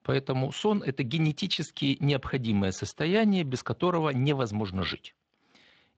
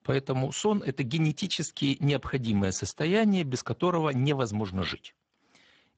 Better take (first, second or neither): first